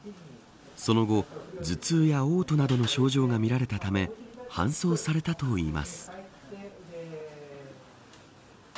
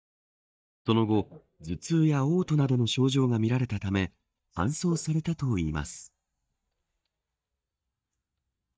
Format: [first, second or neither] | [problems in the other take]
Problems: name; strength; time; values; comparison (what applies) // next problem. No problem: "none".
first | noise reduction (neural mask model DeepFilterNet 3)